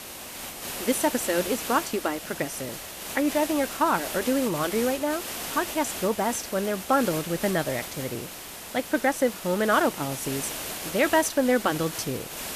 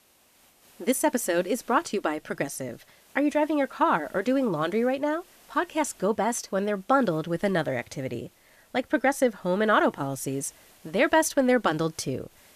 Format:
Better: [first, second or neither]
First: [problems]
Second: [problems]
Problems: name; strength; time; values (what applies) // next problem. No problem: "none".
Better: second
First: hiss; loud; throughout; 7 dB below the speech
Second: hiss; faint; throughout; 30 dB below the speech